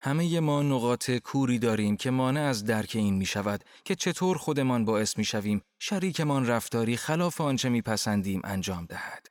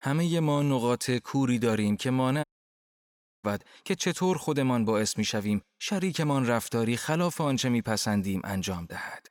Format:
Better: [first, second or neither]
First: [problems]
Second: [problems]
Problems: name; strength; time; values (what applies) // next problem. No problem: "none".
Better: first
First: none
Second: audio cutting out; at 2.5 s for 1 s